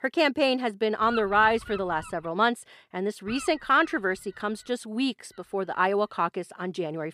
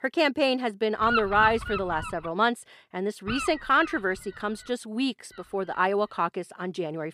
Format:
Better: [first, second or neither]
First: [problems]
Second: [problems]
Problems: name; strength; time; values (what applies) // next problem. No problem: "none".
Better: first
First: wind noise on the microphone; occasional gusts; from 1 to 2.5 s, from 3.5 to 4.5 s and at 5.5 s; 15 dB below the speech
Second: wind noise on the microphone; heavy; from 1 to 2.5 s, from 3.5 to 4.5 s and at 5.5 s; 5 dB below the speech